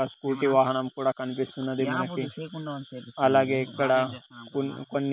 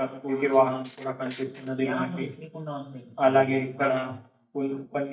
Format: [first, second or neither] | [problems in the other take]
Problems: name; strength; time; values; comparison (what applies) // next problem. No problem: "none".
first | noise reduction (neural mask model DeepFilterNet 3)